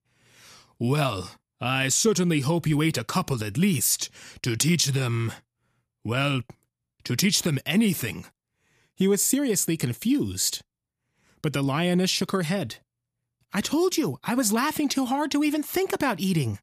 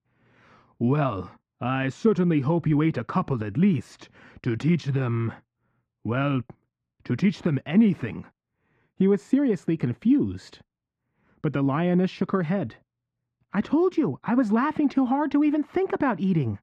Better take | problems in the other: first | muffled; very; fading above 1.5 kHz

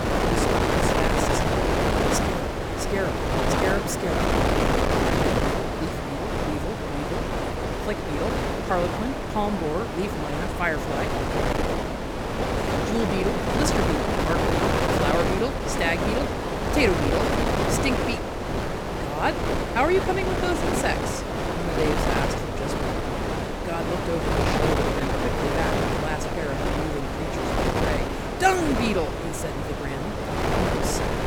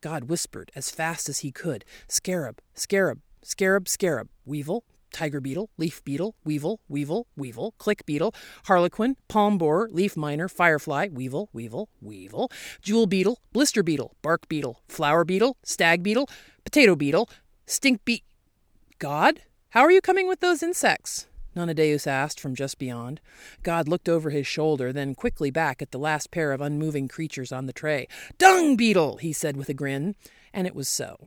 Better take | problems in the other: second | wind noise on the microphone; heavy; 4 dB above the speech

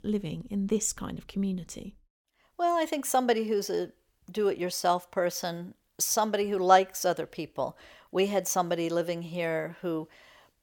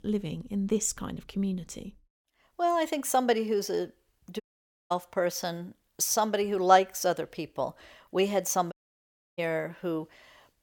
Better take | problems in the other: first | audio cutting out; at 4.5 s for 0.5 s and at 8.5 s for 0.5 s

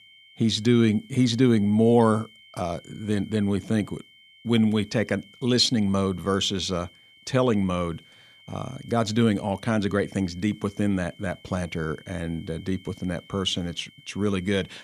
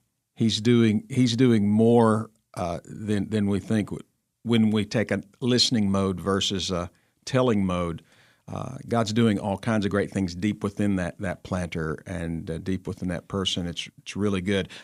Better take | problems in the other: second | high-pitched whine; faint; throughout; 3 kHz, 25 dB below the speech

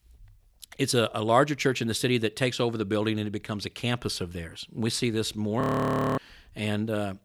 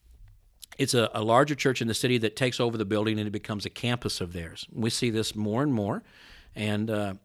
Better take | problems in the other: second | audio freezing; at 5.5 s for 0.5 s

